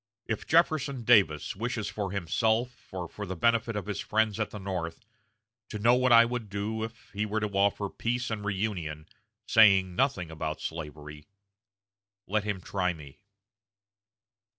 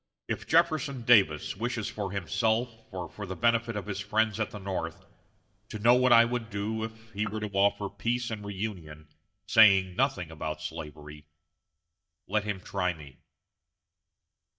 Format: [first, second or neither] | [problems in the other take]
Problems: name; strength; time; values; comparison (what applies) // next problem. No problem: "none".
first | noise reduction (neural mask model DeepFilterNet 3)